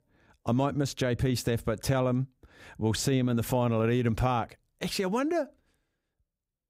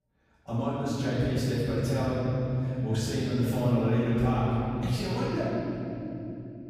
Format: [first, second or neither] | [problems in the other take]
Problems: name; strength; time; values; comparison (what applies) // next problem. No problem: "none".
first | room echo; strong; dies away in 3 s // off-mic speech; far